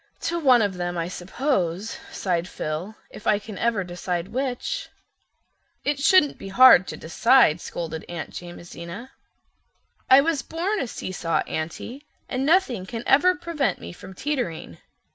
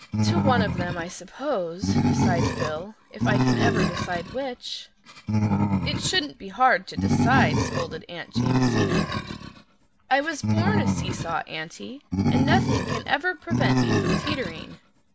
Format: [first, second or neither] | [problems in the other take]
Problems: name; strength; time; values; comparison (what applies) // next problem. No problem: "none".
first | background sound (Animal); 4 dB above the speech